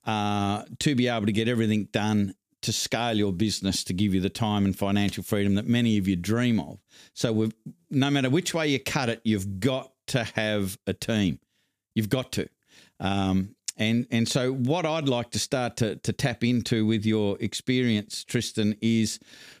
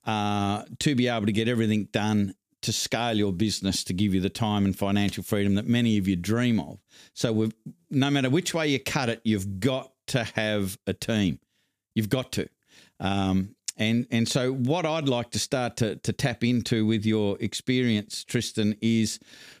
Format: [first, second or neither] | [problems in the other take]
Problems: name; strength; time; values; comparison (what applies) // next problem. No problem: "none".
neither | none